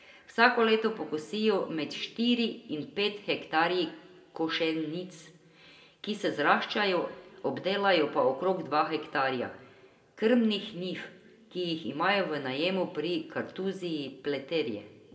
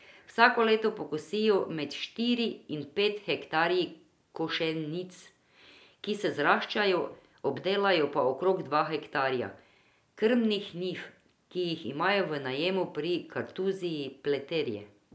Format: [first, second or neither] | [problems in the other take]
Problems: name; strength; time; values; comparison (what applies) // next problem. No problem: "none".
second | room echo; dies away in 1.1 s